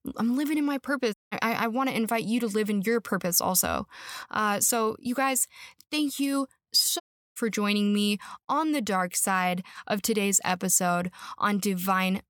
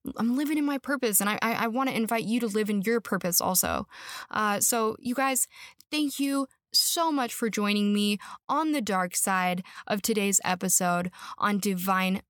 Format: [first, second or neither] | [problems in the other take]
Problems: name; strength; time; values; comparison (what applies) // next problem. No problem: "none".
second | audio cutting out; at 1 s and at 7 s